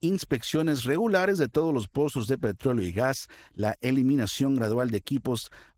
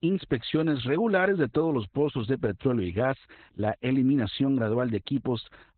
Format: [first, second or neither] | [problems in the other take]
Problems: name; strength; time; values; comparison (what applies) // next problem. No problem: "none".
first | garbled, watery; badly; nothing above 4 kHz; slightly in the first